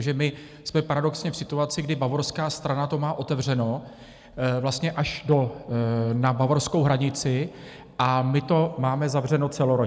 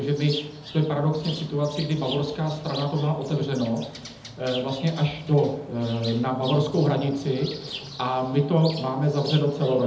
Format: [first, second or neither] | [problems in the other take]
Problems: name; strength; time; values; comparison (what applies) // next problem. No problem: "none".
first | background sound (Bird); 15 dB below the speech // room echo; dies away in 0.8 s